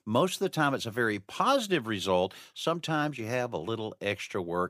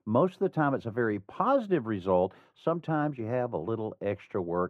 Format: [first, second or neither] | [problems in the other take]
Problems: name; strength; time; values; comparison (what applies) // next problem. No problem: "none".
first | muffled; very; fading above 2.5 kHz